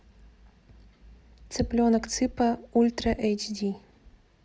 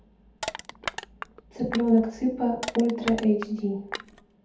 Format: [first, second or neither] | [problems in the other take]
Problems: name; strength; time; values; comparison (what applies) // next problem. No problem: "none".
first | background sound (Crushing); 11 dB below the speech // room echo; dies away in 0.6 s